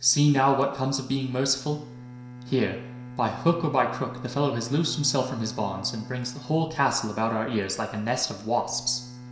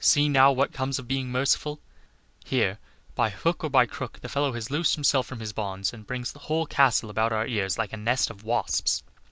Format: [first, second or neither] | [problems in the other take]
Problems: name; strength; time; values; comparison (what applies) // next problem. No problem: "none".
second | background sound (Bowed string instrument); 16 dB below the speech // room echo; dies away in 0.7 s